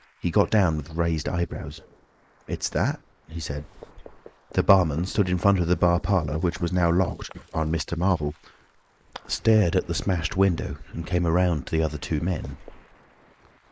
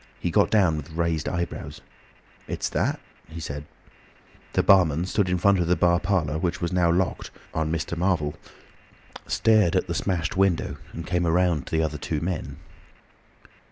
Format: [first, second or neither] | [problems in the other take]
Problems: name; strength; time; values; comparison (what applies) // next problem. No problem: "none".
second | noise reduction (neural mask model Resemble Enhance denoiser)